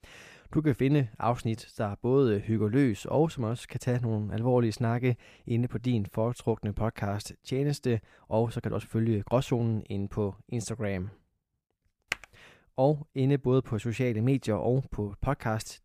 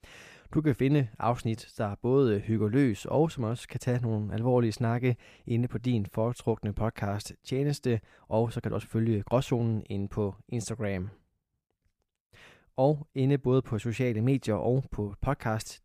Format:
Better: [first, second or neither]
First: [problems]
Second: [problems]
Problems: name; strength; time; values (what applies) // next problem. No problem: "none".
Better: second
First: keyboard typing; very faint; at 12 s; peak 7 dB below the speech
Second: none